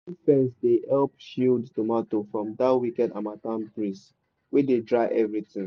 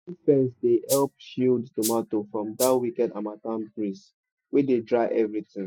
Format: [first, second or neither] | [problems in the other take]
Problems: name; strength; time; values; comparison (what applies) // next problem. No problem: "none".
first | noise reduction (classical method Wiener filter)